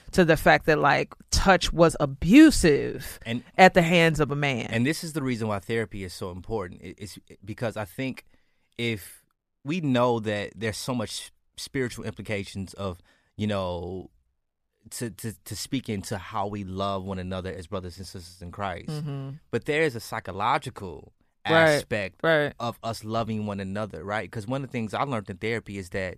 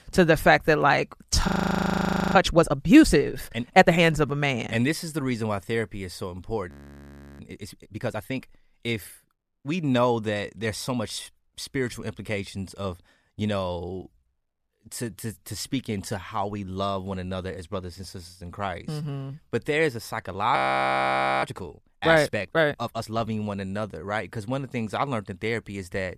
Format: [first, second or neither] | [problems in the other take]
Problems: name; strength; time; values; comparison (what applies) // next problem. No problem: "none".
first | audio freezing; at 1.5 s for 1 s, at 6.5 s for 0.5 s and at 21 s for 1 s